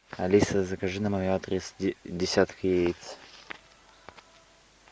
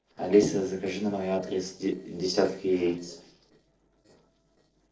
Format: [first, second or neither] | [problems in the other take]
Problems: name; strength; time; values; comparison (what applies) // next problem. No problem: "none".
first | noise reduction (neural separator model SepFormer DNS4)